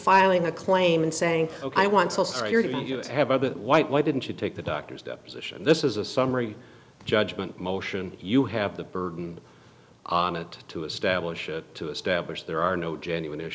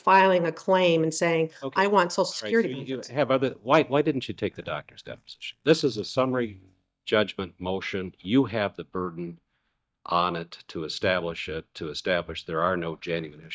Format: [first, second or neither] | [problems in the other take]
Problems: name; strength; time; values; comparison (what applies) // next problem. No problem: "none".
first | noise reduction (neural mask model DeepFilterNet 3)